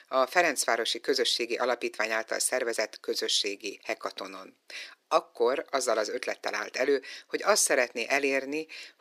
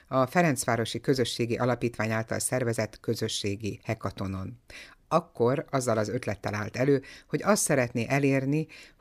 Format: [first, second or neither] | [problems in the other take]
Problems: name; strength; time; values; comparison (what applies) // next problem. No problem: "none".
second | thin; somewhat; fading below 350 Hz